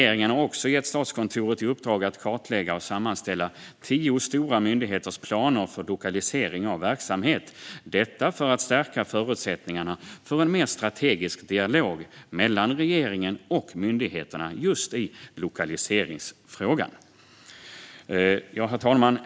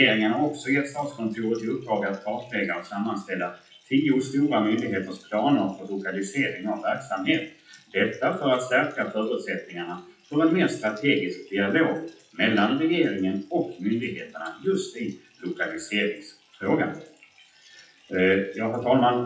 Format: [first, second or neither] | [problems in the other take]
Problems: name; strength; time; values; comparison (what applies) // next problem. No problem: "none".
first | noise reduction (classical method WPE with log-MMSE)